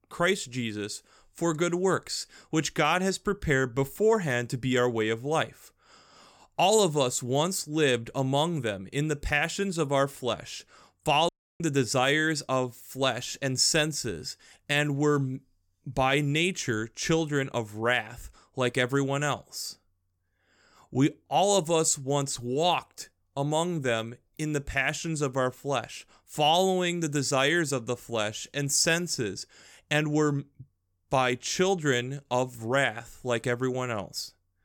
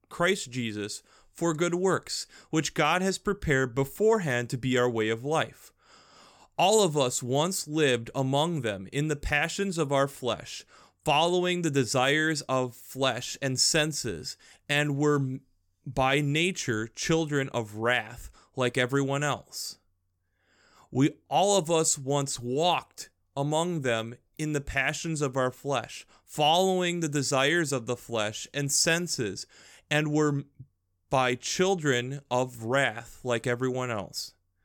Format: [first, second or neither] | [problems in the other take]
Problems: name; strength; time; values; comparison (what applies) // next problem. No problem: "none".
second | audio cutting out; at 11 s